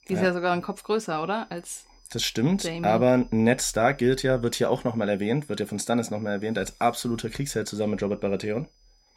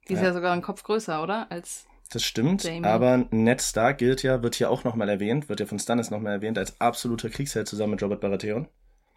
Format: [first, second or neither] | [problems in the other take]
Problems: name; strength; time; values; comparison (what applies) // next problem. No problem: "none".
second | high-pitched whine; faint; throughout; 5 kHz, 35 dB below the speech